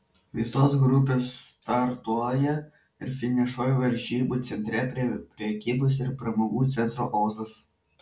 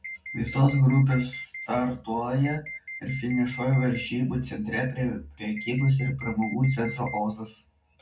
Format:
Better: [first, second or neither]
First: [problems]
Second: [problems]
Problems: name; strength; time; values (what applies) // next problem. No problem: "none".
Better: first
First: none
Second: background sound (Alarm); 13 dB below the speech // room echo; dies away in 0.3 s